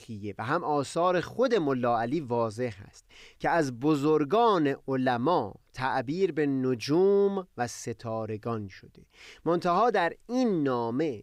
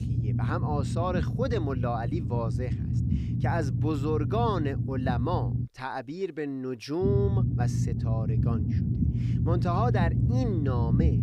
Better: first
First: none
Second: low rumble; loud; until 5.5 s and from 7 s on; 6 dB below the speech

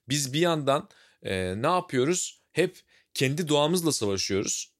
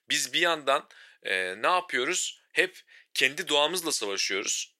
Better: first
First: none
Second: thin; very; fading below 500 Hz

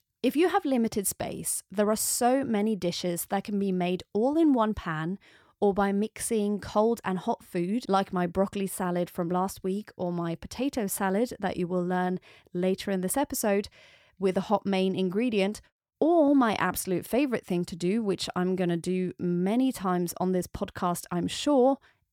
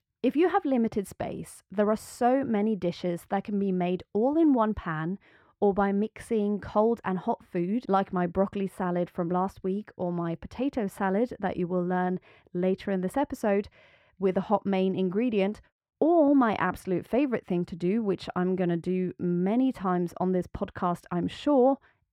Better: first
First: none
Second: muffled; slightly; fading above 3.5 kHz

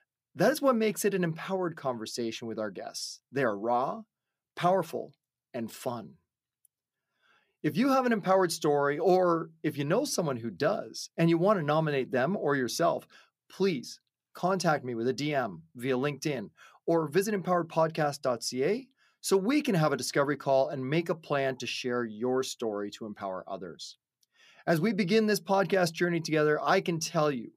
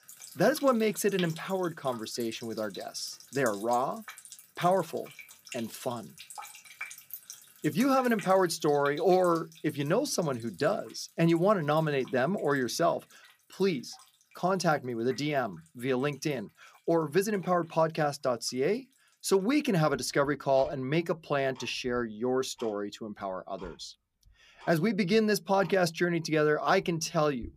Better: first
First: none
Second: household noises; noticeable; throughout; 20 dB below the speech

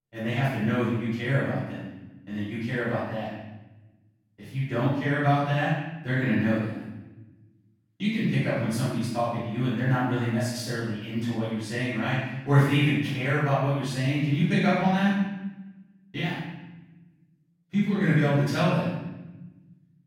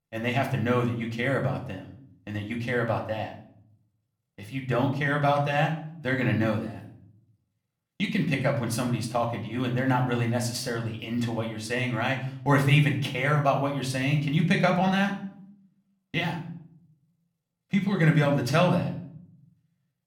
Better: second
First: room echo; strong; dies away in 0.9 s // off-mic speech; far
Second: room echo; slight; dies away in 0.5 s // off-mic speech; somewhat distant

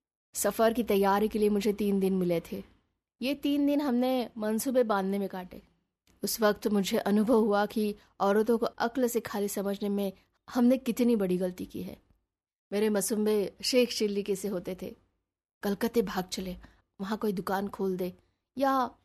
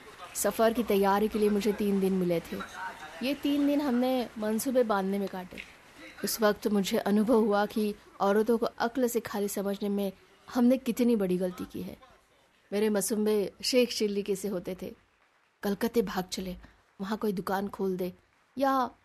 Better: first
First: none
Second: crowd noise; noticeable; throughout; 20 dB below the speech

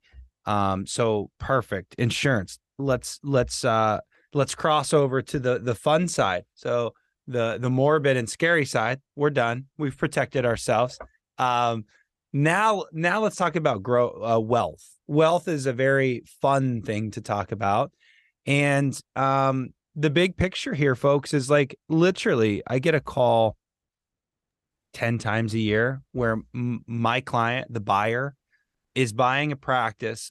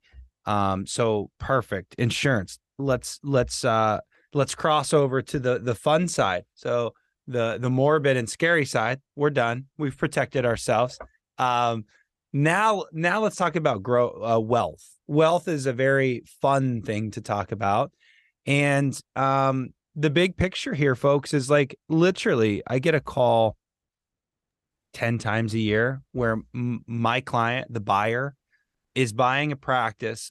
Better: neither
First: none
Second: none

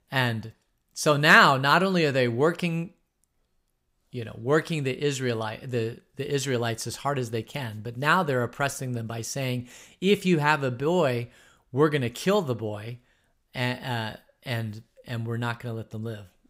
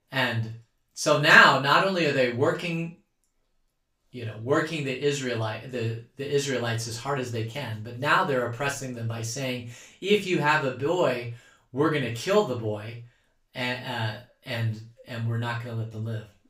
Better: first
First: none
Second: room echo; slight; dies away in 0.2 s // off-mic speech; far

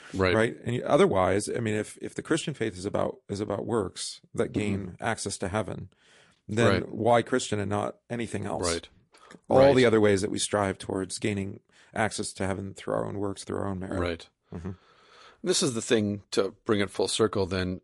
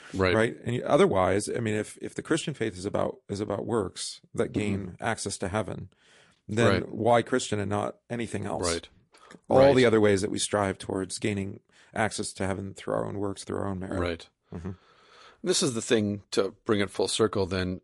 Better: neither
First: garbled, watery; slightly; nothing above 11 kHz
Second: garbled, watery; slightly; nothing above 11 kHz

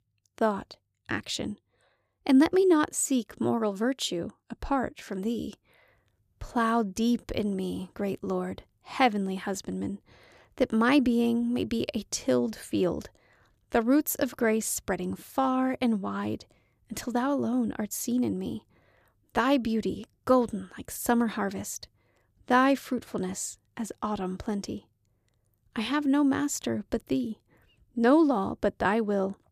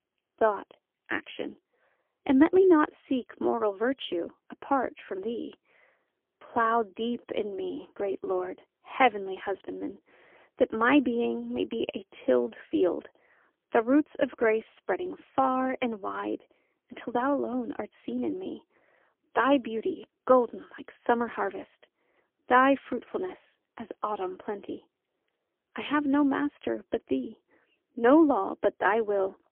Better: first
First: none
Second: phone-call audio; poor line; nothing above 3.5 kHz

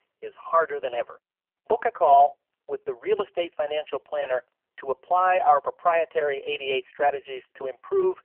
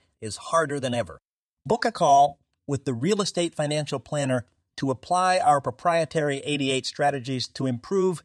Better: second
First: phone-call audio; poor line; nothing above 3 kHz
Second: none

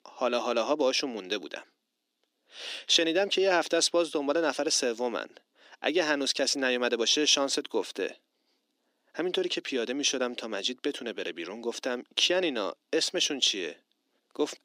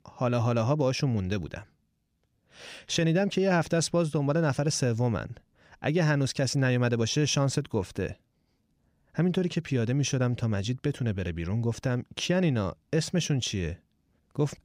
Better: second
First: thin; somewhat; fading below 300 Hz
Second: none

